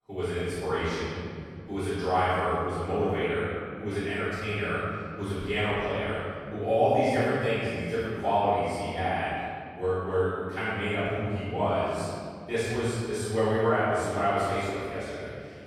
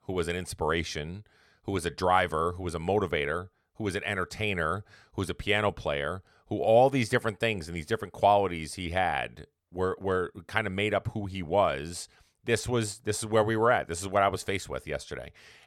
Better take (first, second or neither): second